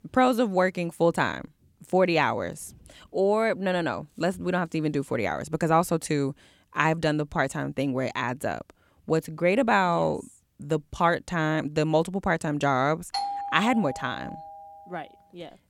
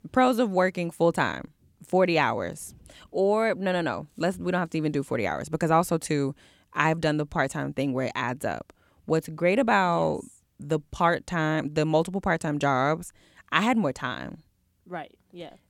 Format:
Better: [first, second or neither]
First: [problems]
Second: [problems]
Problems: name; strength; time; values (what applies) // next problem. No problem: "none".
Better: second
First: doorbell; noticeable; from 13 to 15 s; peak 4 dB below the speech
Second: none